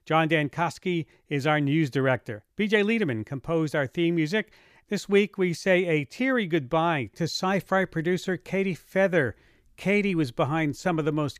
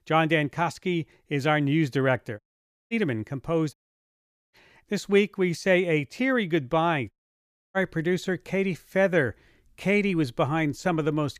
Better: first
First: none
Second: audio cutting out; at 2.5 s for 0.5 s, at 3.5 s for 1 s and at 7 s for 0.5 s

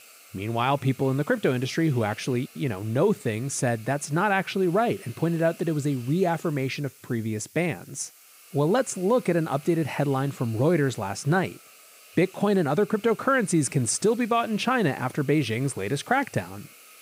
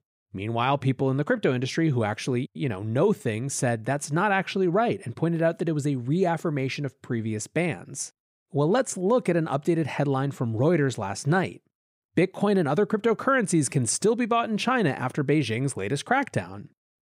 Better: second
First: hiss; faint; throughout; 20 dB below the speech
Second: none

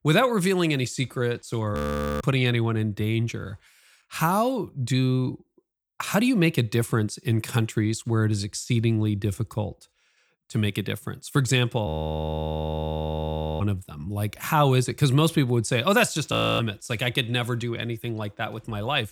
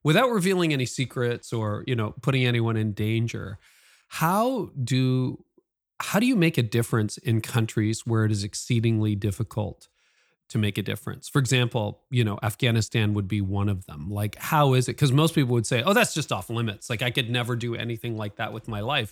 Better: second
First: audio freezing; at 2 s, at 12 s for 1.5 s and at 16 s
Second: none

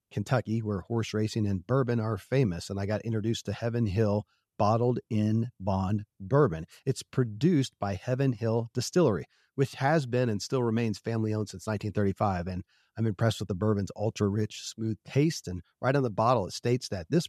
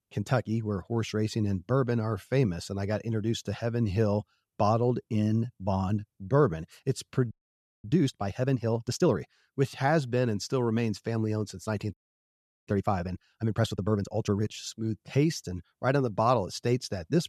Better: first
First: none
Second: audio freezing; at 7.5 s for 0.5 s and at 12 s for 0.5 s

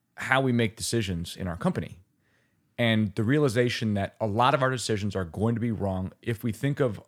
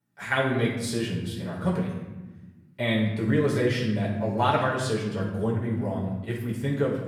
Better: first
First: none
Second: off-mic speech; far // room echo; noticeable; dies away in 1 s

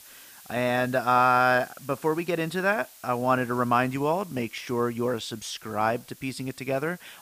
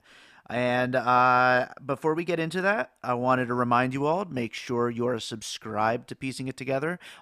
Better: second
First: hiss; faint; throughout; 20 dB below the speech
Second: none

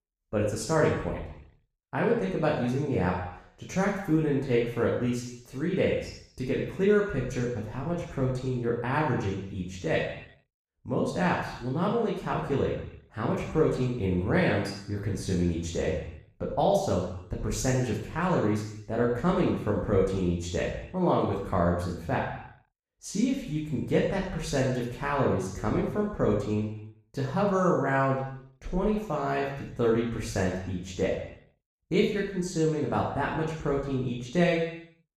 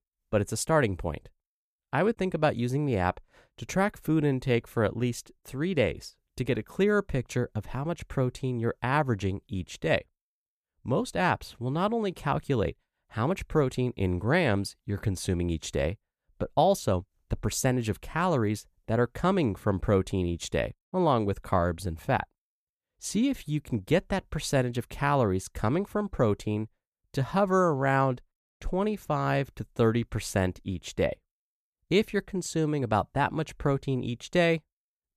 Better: second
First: room echo; noticeable; dies away in 0.7 s // off-mic speech; far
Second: none

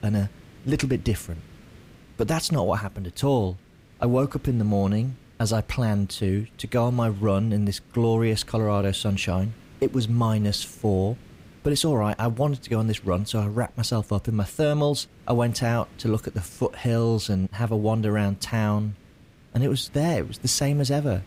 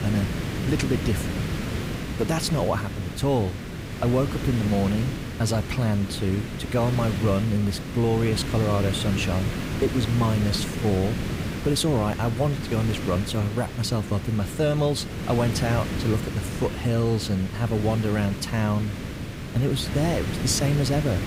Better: first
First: hiss; faint; throughout; 25 dB below the speech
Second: hiss; loud; throughout; 5 dB below the speech

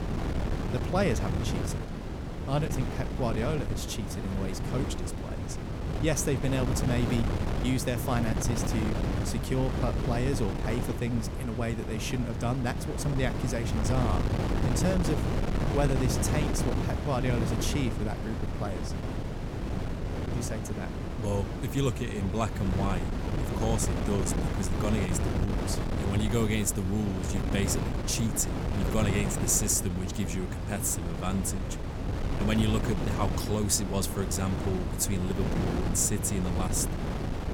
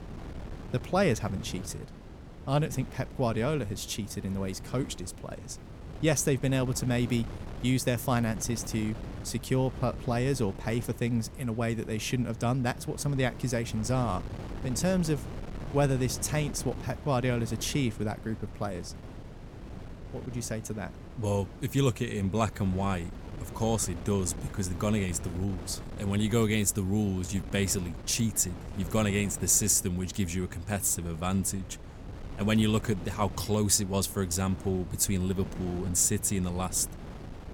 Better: second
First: wind noise on the microphone; heavy; 3 dB below the speech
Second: wind noise on the microphone; occasional gusts; 15 dB below the speech

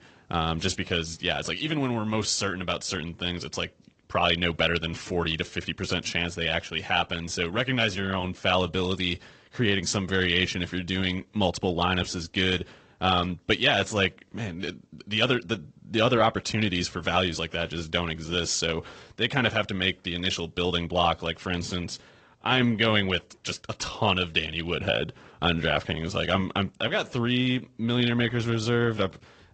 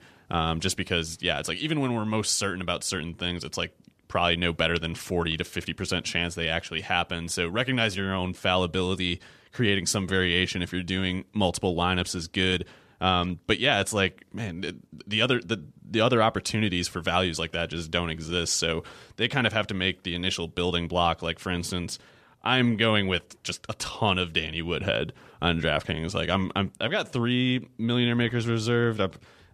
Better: second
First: garbled, watery; slightly; nothing above 8 kHz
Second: none

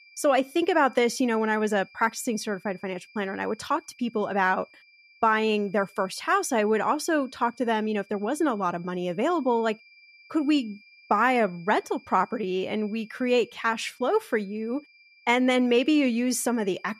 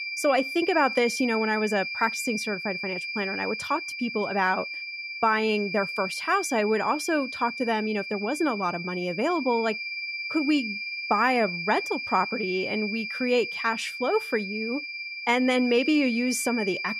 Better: first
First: high-pitched whine; faint; throughout; 2.5 kHz, 25 dB below the speech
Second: high-pitched whine; loud; throughout; 2.5 kHz, 5 dB below the speech

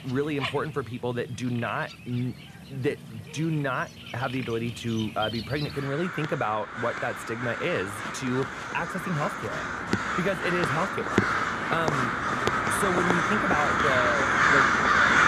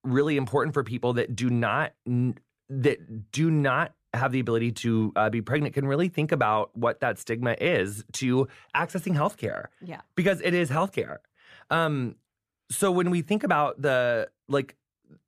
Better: second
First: animal sounds; very loud; throughout; 4 dB above the speech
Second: none

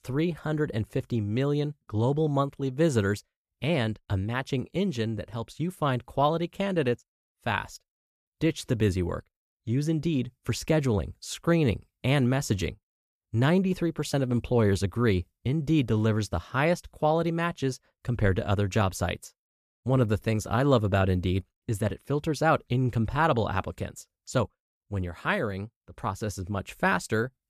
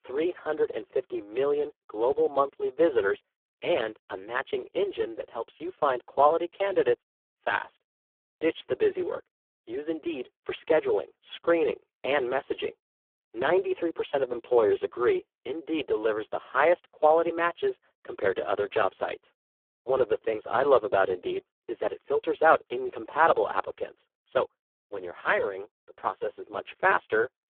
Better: first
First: none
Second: phone-call audio; poor line

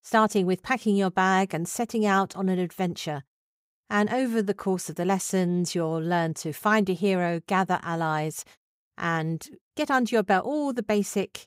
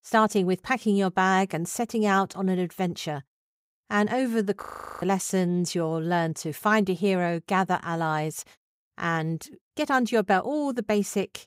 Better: first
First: none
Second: audio freezing; at 4.5 s

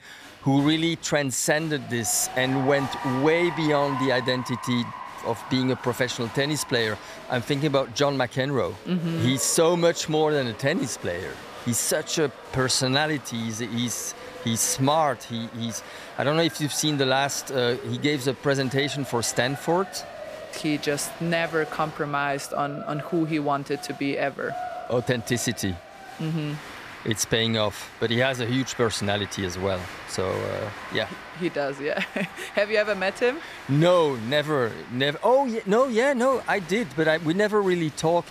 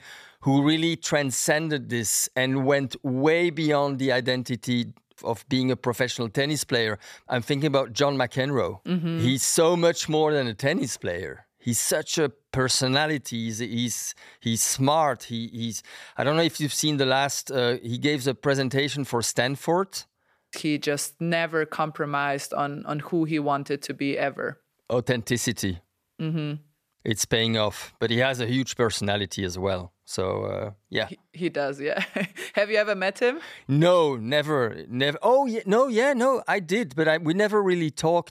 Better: second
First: crowd noise; noticeable; throughout; 15 dB below the speech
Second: none

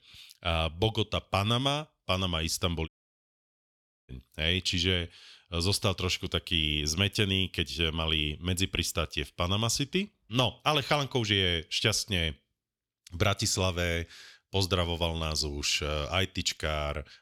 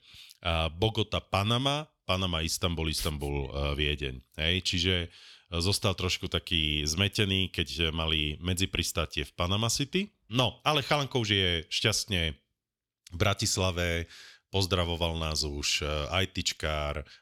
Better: second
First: audio cutting out; at 3 s for 1 s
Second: none

